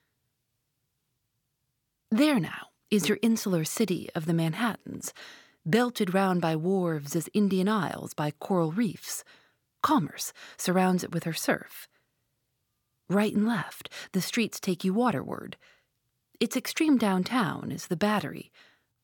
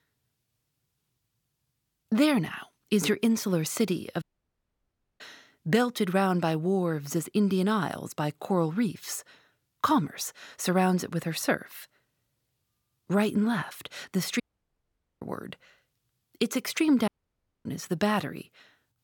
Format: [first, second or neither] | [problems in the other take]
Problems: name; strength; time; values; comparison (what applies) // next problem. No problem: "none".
first | audio cutting out; at 4 s for 1 s, at 14 s for 1 s and at 17 s for 0.5 s